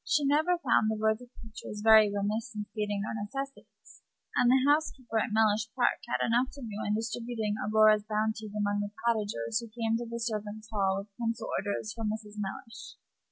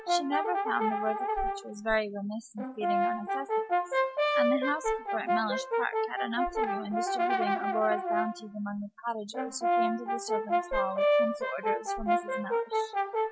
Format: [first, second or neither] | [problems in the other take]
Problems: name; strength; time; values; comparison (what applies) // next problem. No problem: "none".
first | background sound (Brass instrument); 5 dB above the speech